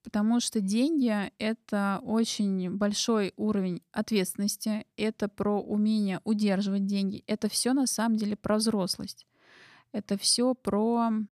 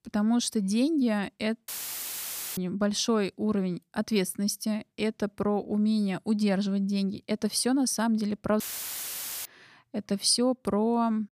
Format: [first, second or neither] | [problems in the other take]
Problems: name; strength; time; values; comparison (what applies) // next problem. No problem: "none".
first | audio cutting out; filled with static; at 1.5 s for 1 s and at 8.5 s for 1 s